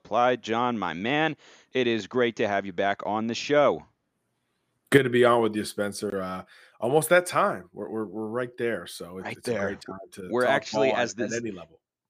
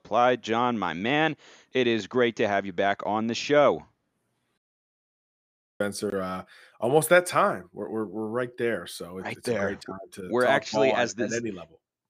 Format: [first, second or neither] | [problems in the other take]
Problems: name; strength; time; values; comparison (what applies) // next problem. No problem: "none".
first | audio cutting out; at 4.5 s for 1 s